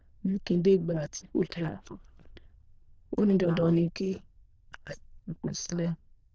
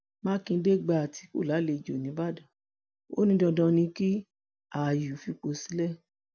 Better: second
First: noise reduction (neural diffusion model UNIVERSE++)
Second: none

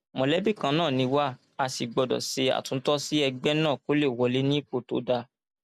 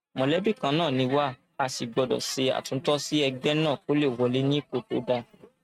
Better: first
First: none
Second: noise reduction (neural mask model RNNoise)

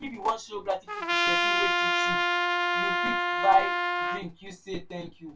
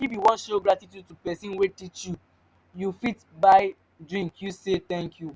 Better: second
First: background sound (Trumpet); 5 dB above the speech // room echo; dies away in 0.2 s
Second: none

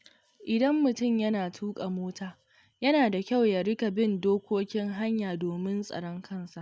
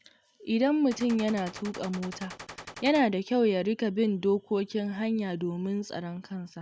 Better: first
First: none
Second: background sound (Gunshot, gunfire); 15 dB below the speech

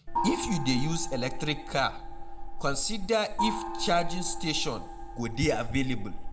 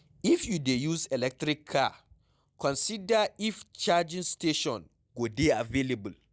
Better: second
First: background sound (Gong); 2 dB below the speech // room echo; dies away in 0.5 s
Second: none

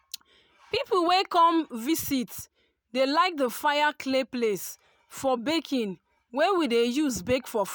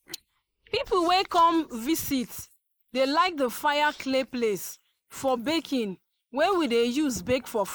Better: first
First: none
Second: noise reduction (neural mask model Resemble Enhance denoiser)

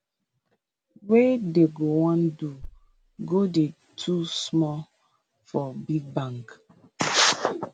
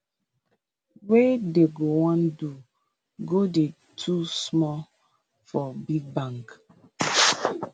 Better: second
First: background sound (Thump, thud); 19 dB below the speech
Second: none

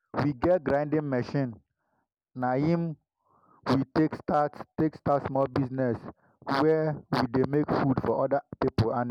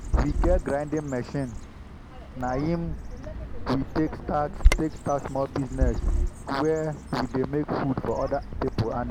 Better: first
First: none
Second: background sound (Bird vocalization, bird call, bird song); as loud as the speech

